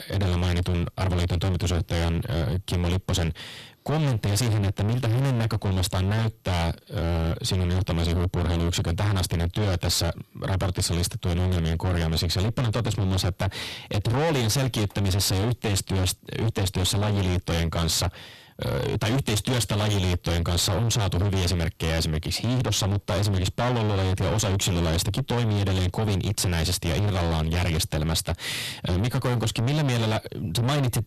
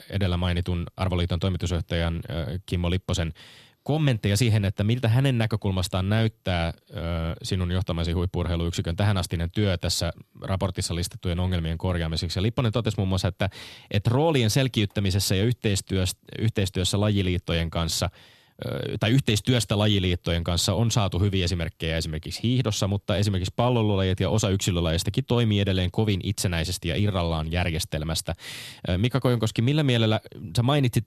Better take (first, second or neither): second